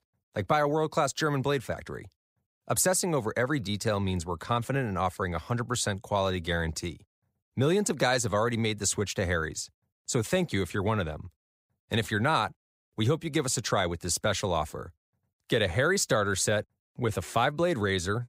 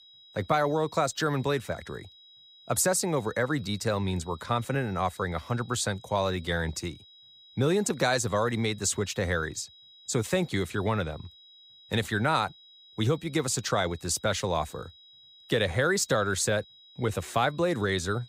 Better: first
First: none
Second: high-pitched whine; faint; throughout; 4 kHz, 25 dB below the speech

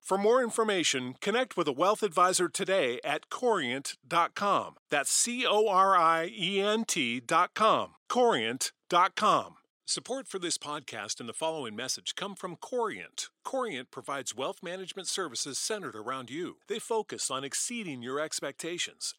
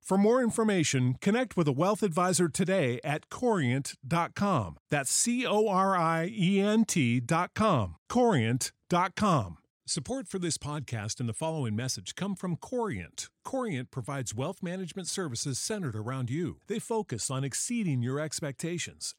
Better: second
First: thin; somewhat; fading below 400 Hz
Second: none

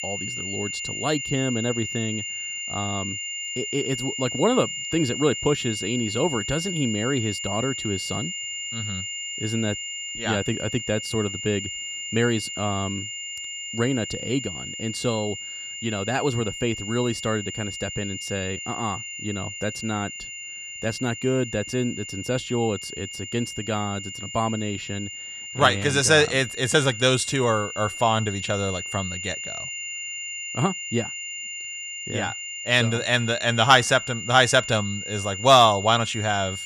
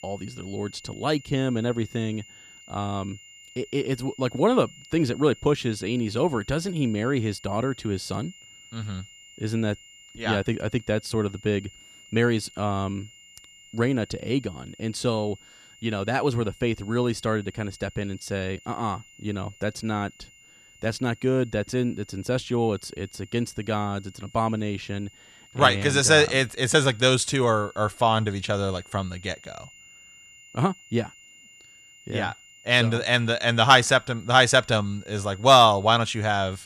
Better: second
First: high-pitched whine; loud; throughout; 3 kHz, 6 dB below the speech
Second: high-pitched whine; faint; throughout; 3 kHz, 25 dB below the speech

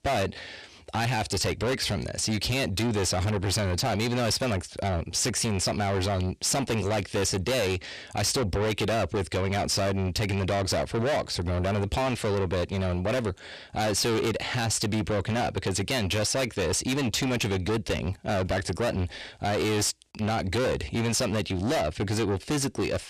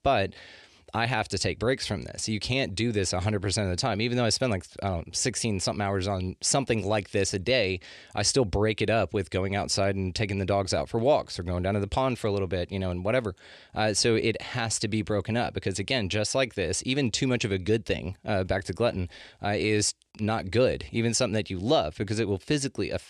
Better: second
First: distortion; heavy; 6 dB below the speech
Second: none

